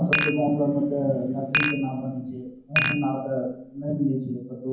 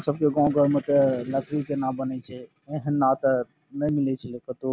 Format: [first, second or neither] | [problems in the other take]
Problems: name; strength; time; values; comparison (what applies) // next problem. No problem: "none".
second | background sound (Dishes, pots, and pans); 3 dB below the speech // room echo; dies away in 0.9 s